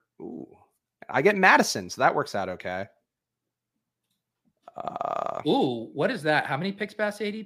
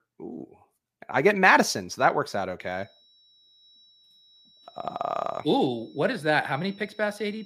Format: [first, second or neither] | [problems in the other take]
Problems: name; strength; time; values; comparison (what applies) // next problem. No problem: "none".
first | high-pitched whine; faint; from 2.5 s on; 4 kHz, 30 dB below the speech